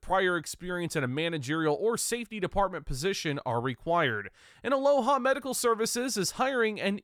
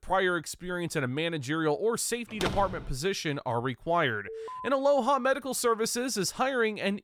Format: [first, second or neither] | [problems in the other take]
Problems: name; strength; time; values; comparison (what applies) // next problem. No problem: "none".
first | door banging; noticeable; at 2.5 s; peak 5 dB below the speech // alarm; faint; at 4.5 s; peak 10 dB below the speech